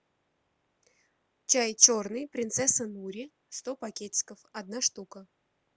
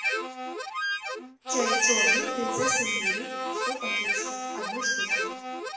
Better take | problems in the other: first | background sound (Harmonica); 4 dB above the speech // room echo; dies away in 1.1 s

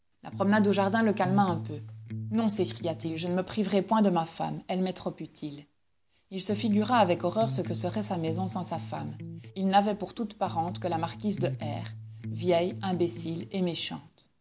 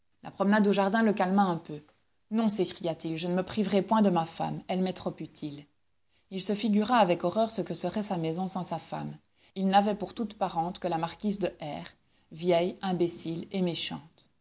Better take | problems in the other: second | background sound (Electric guitar); 10 dB below the speech

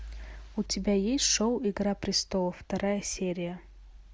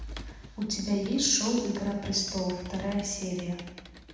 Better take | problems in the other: first | background sound (Computer keyboard); 18 dB below the speech // room echo; dies away in 1 s

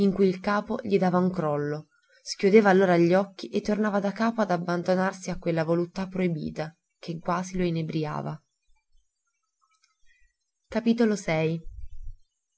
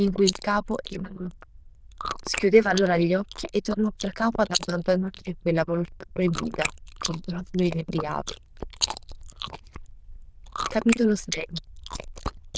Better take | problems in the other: first | noise reduction (neural diffusion model UNIVERSE++)

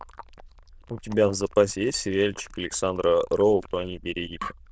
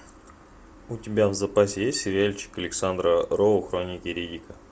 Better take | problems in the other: second | noise reduction (neural diffusion model UNIVERSE++)

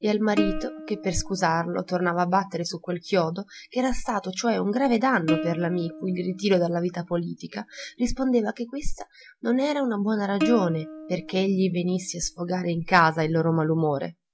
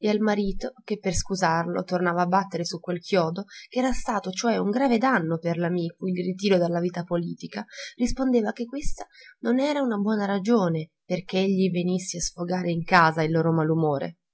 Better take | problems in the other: second | background sound (Plucked string instrument); 11 dB below the speech

